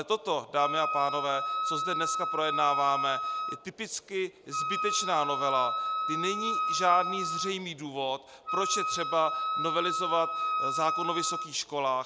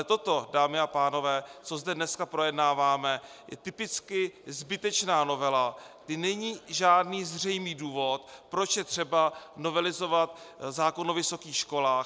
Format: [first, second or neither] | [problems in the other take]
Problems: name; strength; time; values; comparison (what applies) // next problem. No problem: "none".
second | background sound (Wind instrument, woodwind instrument); 1 dB below the speech